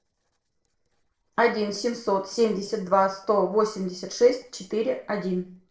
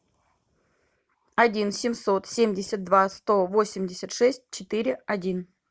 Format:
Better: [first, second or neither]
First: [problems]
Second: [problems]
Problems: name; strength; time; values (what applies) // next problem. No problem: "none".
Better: second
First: noise reduction (neural separator model SepFormer DNS4)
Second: none